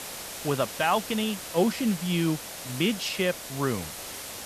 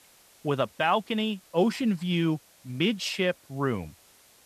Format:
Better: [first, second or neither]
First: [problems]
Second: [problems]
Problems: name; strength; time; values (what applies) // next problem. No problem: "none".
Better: second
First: hiss; loud; throughout; 9 dB below the speech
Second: hiss; faint; throughout; 30 dB below the speech